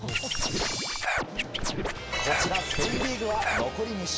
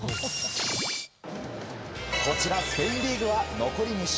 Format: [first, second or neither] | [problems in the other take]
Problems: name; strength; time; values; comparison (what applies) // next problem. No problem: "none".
second | background sound (Scratching (performance technique)); as loud as the speech